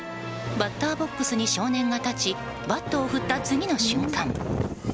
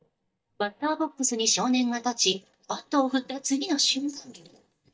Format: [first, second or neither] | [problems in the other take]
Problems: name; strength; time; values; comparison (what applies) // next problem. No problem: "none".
first | noise reduction (neural mask model DeepFilterNet 3)